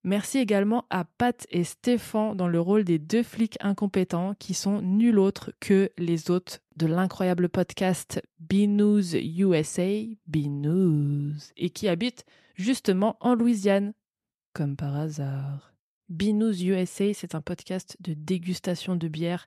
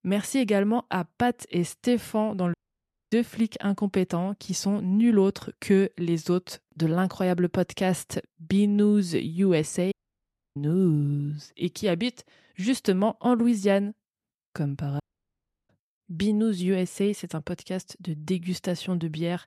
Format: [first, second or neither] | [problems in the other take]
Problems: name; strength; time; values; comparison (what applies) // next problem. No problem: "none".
first | audio cutting out; at 2.5 s for 0.5 s, at 10 s for 0.5 s and at 15 s for 0.5 s